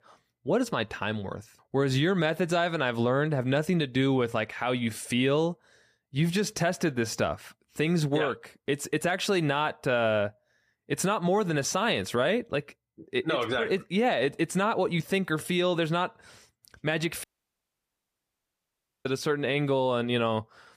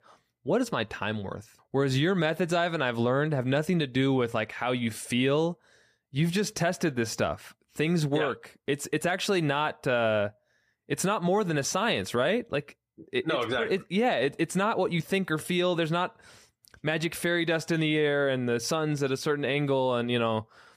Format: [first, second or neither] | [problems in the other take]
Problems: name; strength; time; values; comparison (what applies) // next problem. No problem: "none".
second | audio cutting out; at 17 s for 2 s